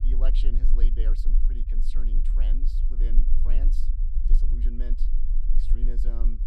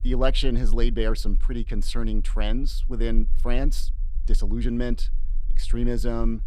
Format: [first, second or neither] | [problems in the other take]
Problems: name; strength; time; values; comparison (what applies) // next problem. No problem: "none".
second | low rumble; loud; throughout; 5 dB below the speech; faint in the second